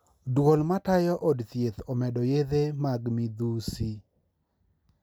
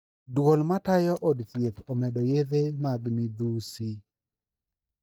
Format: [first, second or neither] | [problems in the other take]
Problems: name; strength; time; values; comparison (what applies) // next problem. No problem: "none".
first | noise reduction (neural mask model DeepFilterNet 3)